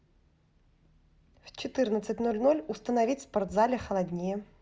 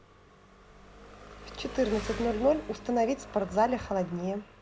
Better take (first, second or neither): first